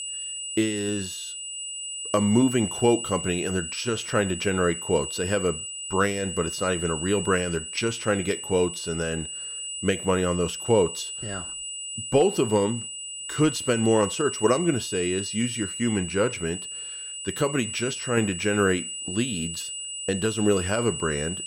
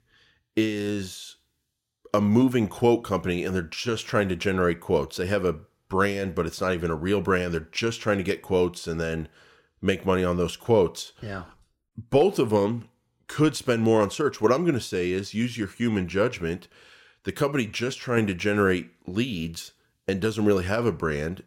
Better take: second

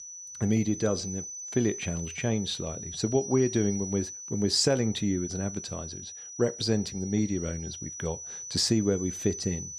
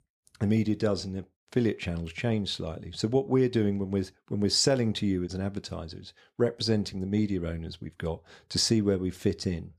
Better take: second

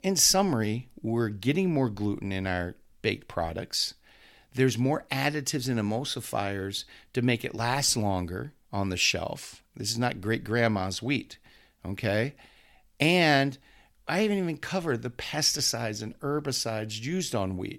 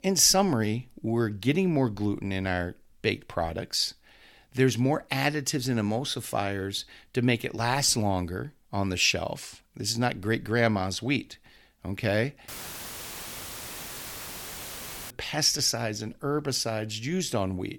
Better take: first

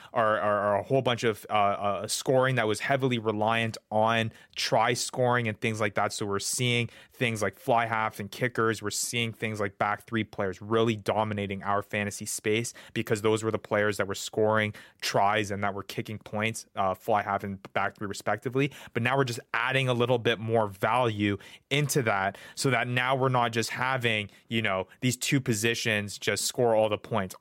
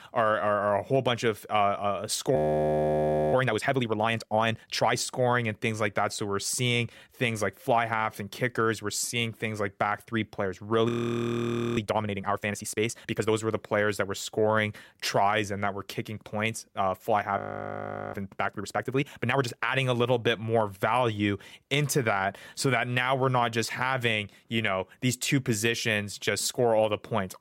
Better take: first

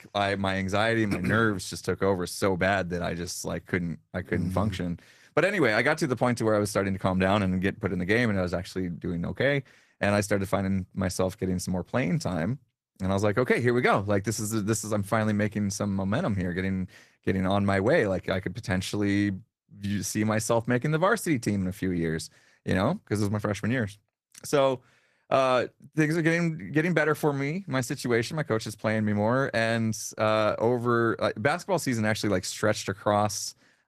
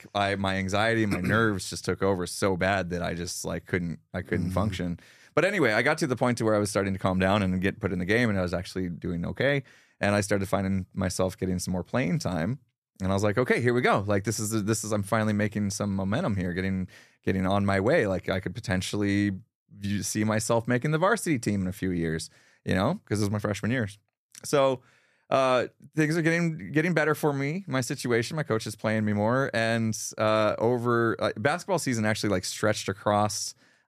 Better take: second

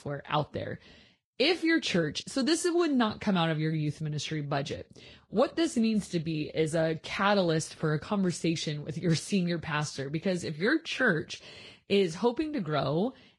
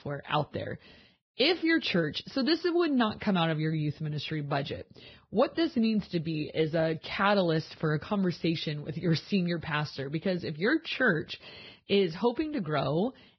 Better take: first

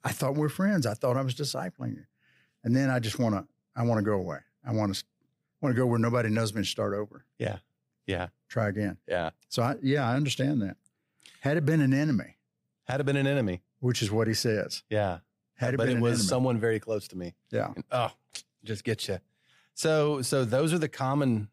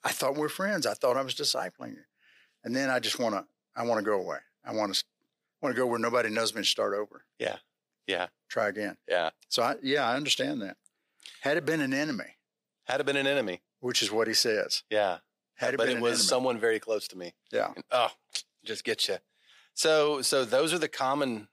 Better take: first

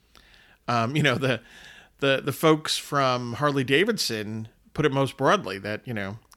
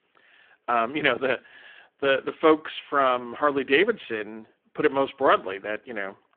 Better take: first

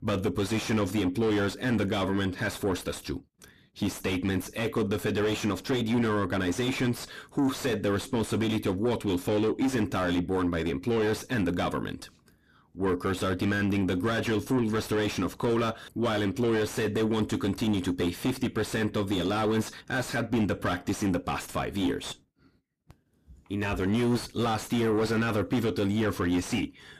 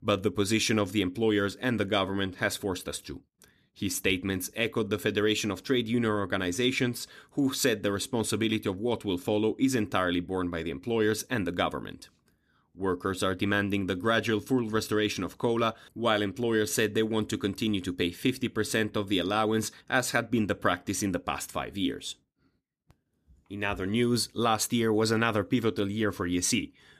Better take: second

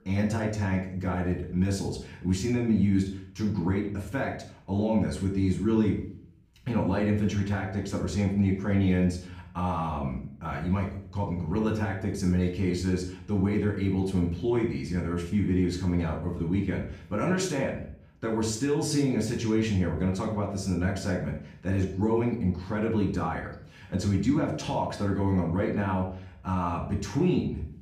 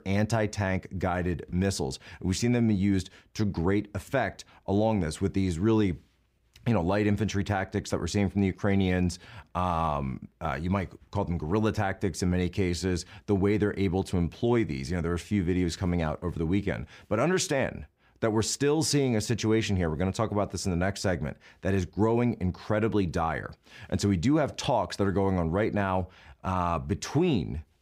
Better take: second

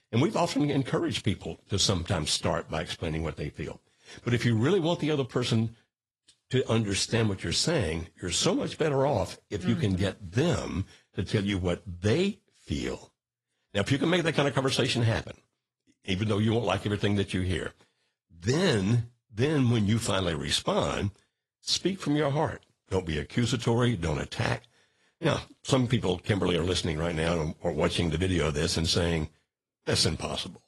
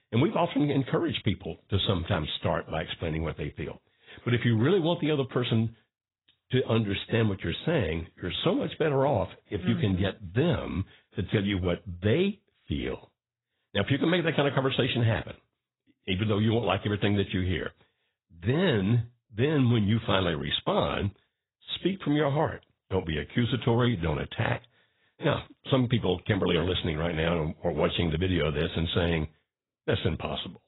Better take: first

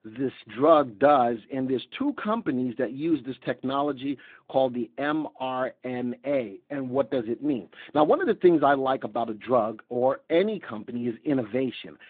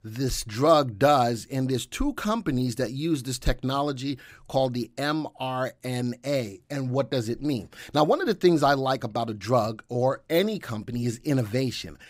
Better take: second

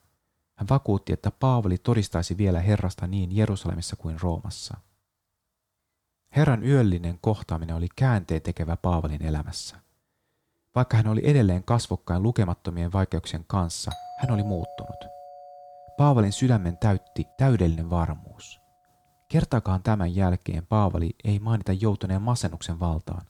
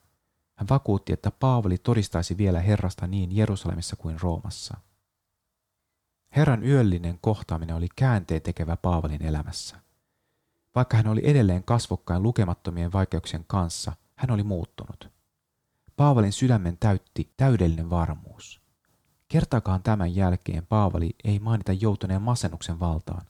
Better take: second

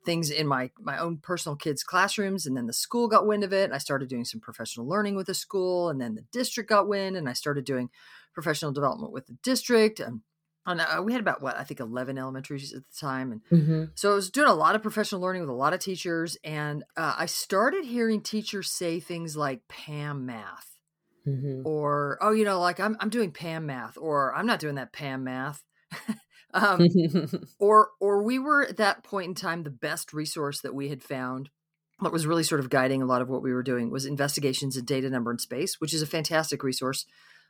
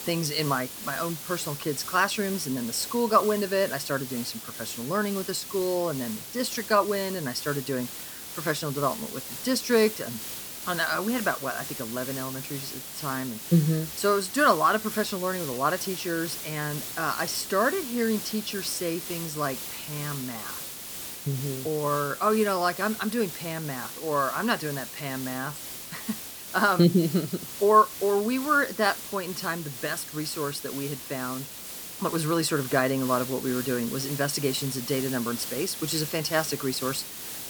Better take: first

